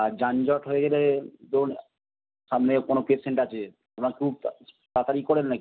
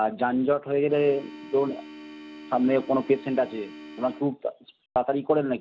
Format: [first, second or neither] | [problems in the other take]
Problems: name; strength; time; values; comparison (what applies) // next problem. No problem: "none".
first | background sound (Organ); 16 dB below the speech